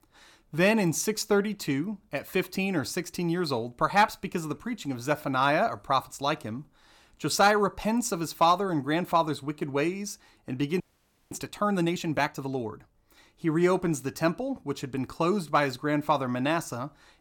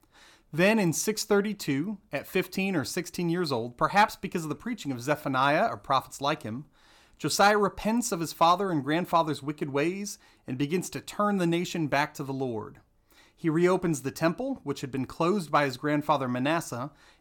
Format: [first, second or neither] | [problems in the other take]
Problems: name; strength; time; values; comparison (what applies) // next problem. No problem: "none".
second | audio freezing; at 11 s for 0.5 s